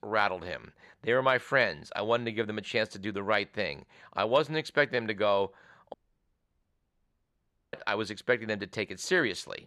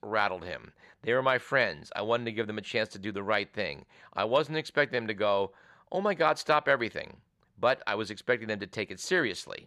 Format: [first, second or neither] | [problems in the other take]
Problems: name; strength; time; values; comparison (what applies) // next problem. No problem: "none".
second | audio cutting out; at 6 s for 2 s